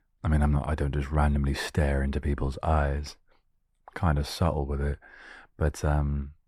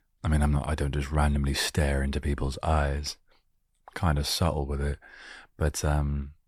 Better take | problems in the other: second | muffled; slightly; fading above 2.5 kHz

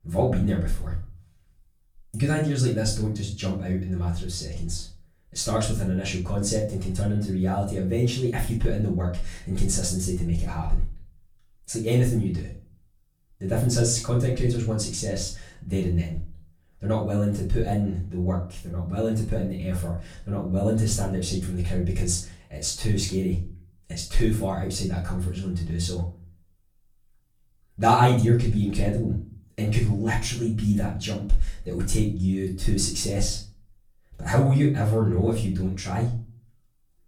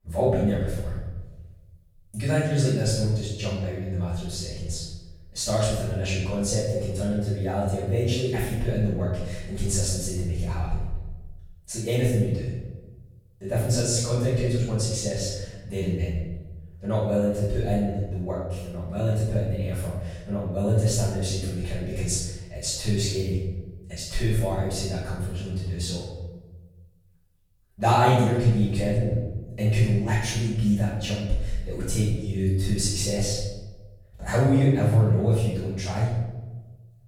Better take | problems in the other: first | room echo; strong; dies away in 1 s; slight in the first // off-mic speech; far; far in the first

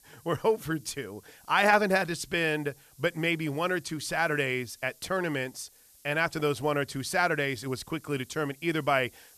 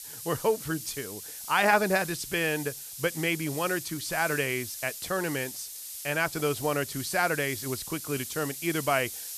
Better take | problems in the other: first | hiss; loud; throughout; 8 dB below the speech; faint in the first

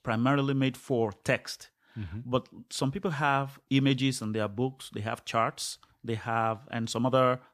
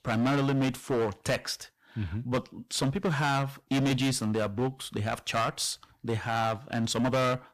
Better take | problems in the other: first | distortion; heavy; 14% of the sound clipped

